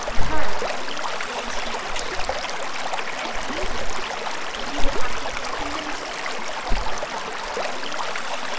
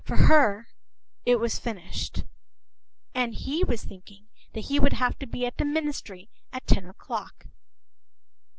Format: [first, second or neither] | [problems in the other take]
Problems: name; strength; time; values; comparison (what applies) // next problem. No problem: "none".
second | background sound (Stream / Liquid); 8 dB below the speech // room echo; dies away in 0.7 s